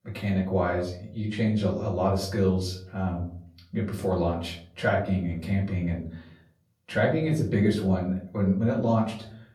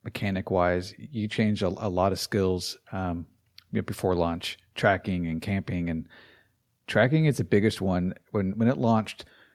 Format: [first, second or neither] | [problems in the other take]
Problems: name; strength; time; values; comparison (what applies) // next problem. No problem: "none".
second | off-mic speech; far // room echo; slight; dies away in 0.5 s